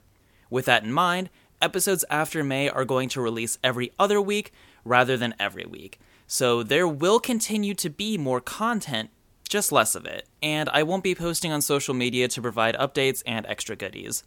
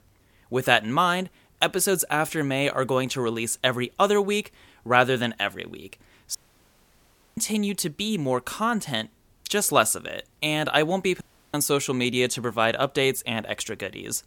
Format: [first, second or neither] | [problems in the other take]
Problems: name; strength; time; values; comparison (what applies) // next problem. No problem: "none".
first | audio cutting out; at 6.5 s for 1 s and at 11 s